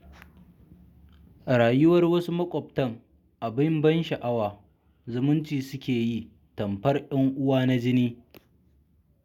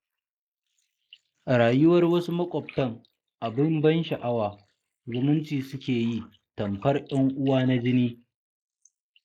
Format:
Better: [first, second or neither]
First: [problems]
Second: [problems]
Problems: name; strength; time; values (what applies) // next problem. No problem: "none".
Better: first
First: none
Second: noise reduction (neural mask model Resemble Enhance denoiser)